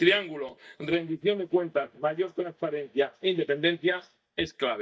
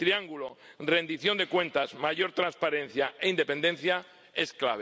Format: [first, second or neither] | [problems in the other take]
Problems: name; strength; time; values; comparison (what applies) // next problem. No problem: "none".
second | noise reduction (neural mask model DeepFilterNet 3)